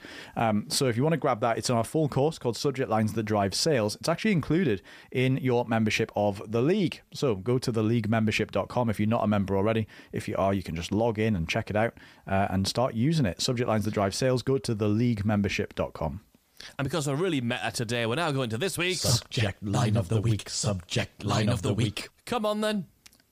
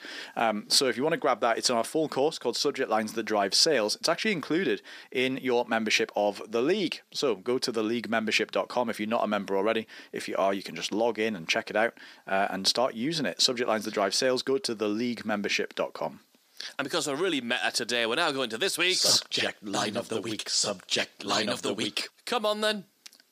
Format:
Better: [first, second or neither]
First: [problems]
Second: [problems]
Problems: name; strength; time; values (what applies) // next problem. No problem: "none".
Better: first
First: none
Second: thin; somewhat; fading below 250 Hz